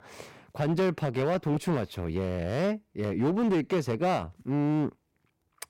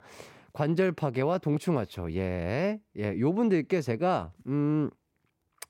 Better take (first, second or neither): second